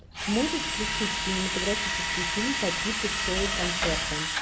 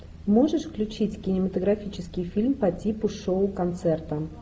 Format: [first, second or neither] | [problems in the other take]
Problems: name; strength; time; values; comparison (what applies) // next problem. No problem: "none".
second | background sound (Drill); 3 dB above the speech